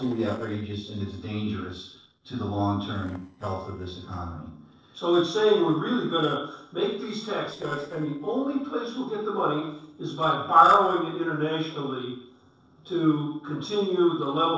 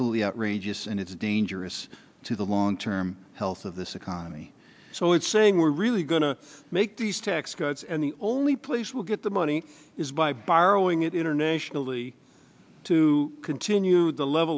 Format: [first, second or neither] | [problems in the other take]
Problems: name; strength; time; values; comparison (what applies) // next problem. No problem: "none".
second | noise reduction (neural separator model SepFormer DNS4)